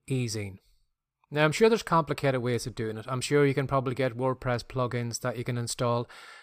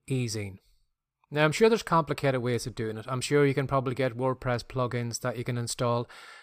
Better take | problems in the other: neither | none

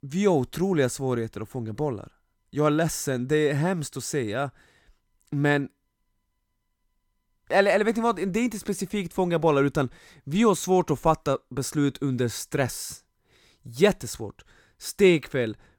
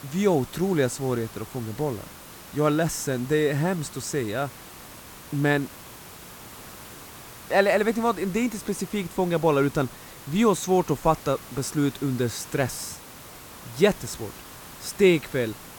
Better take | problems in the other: first | hiss; noticeable; throughout; 15 dB below the speech

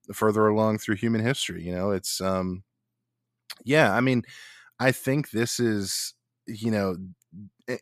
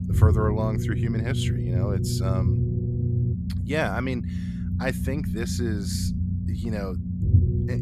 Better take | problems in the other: first | low rumble; loud; throughout; 6 dB below the speech

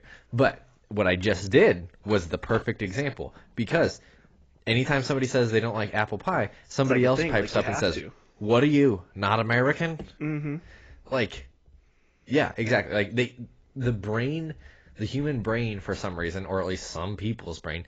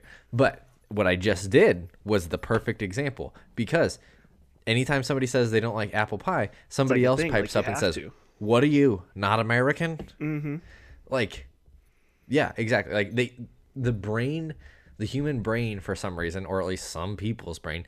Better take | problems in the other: second | garbled, watery; badly; nothing above 7.5 kHz

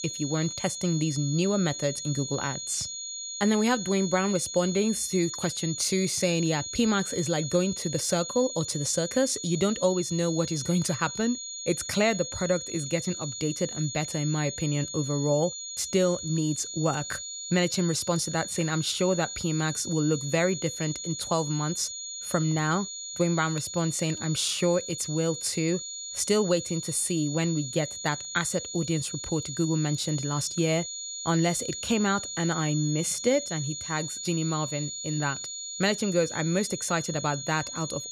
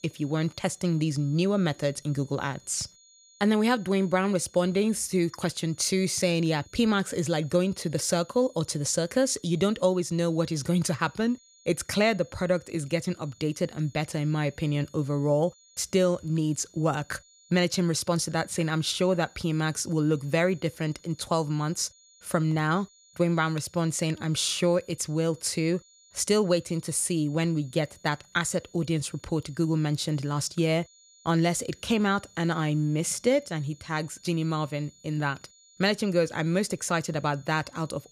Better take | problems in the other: second | high-pitched whine; loud; throughout; 7 kHz, 6 dB below the speech; faint in the second

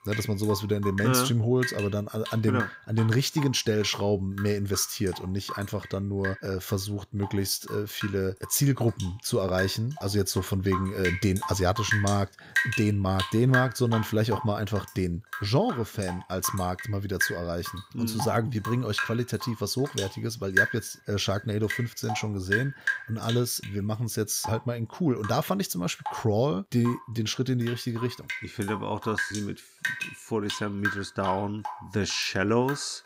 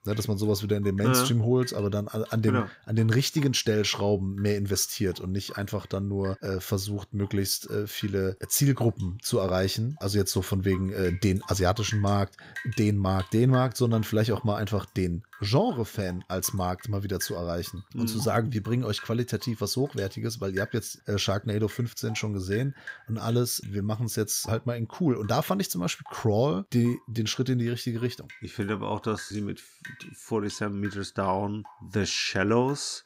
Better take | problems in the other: second | rain or running water; loud; throughout; 6 dB below the speech; faint in the second

